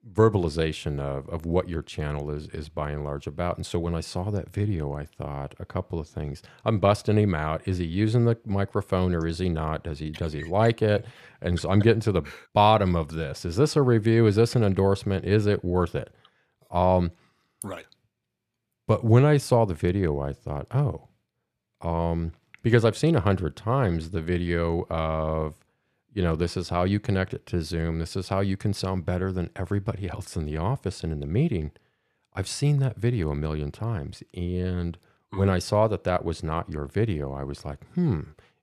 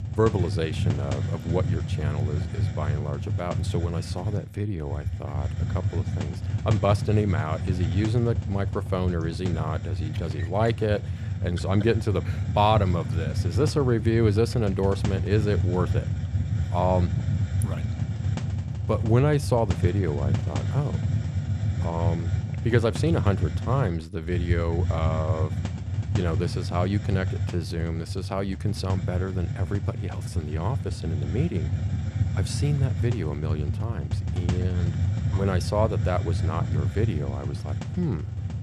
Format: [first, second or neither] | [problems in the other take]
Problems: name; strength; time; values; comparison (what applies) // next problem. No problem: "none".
first | hiss; loud; throughout; as loud as the speech